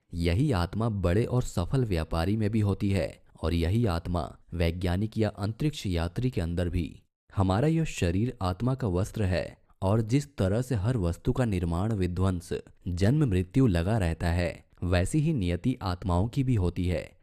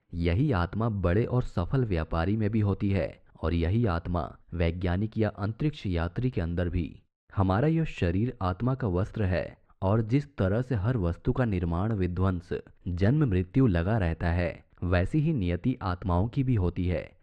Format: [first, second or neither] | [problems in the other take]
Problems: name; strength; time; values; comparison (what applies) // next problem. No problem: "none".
first | muffled; slightly; fading above 3 kHz